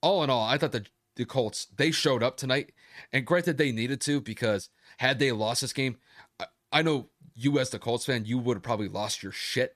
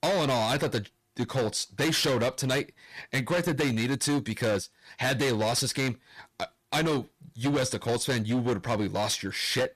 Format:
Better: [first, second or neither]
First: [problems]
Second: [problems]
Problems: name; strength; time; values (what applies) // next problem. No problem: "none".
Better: first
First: none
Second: distortion; heavy; 18% of the sound clipped